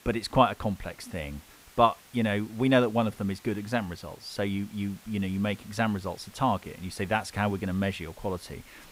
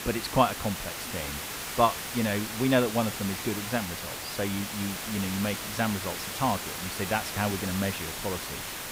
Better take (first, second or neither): first